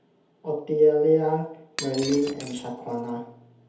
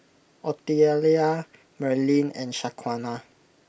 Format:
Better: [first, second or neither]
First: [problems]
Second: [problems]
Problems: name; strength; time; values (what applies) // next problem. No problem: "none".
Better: second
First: background sound (Shatter); 14 dB below the speech // room echo; dies away in 0.8 s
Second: none